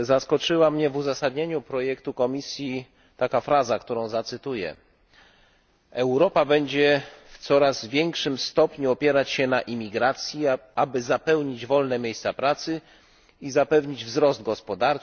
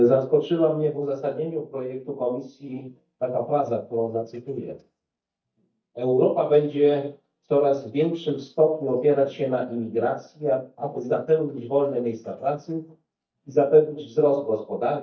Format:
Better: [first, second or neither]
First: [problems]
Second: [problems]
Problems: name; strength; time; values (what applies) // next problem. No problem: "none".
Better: first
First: none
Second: noise reduction (neural mask model DeepFilterNet 3)